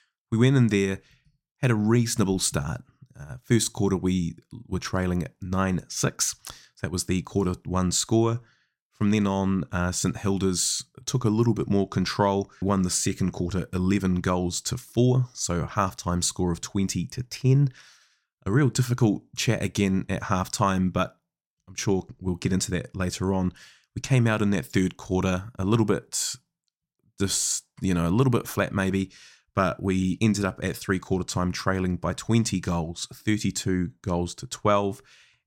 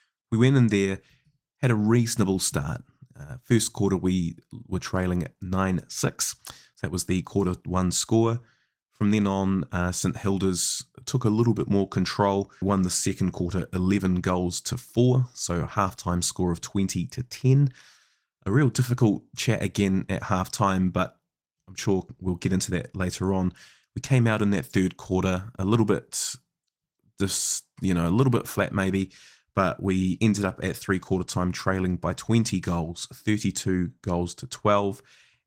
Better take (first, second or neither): first